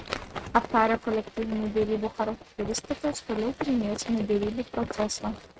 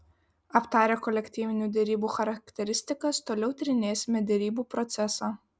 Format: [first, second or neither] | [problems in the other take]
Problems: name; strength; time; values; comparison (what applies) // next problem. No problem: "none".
second | noise reduction (neural mask model RNNoise)